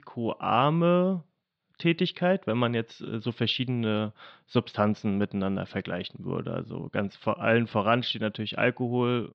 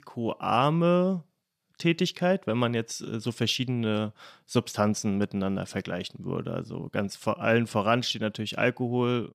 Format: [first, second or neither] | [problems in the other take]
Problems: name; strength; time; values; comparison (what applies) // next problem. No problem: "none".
second | muffled; slightly; fading above 4 kHz